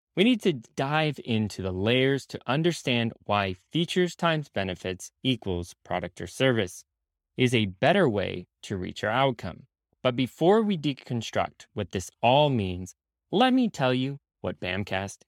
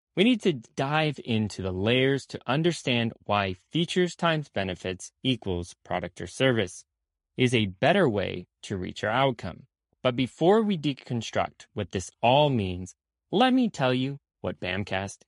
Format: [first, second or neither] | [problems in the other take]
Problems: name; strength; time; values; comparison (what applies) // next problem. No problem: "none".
first | garbled, watery; slightly; nothing above 10.5 kHz